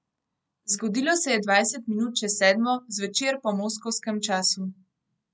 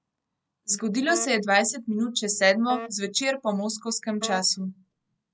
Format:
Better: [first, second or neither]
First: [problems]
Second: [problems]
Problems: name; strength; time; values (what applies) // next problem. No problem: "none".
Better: first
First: none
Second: background sound (Wind instrument, woodwind instrument); 13 dB below the speech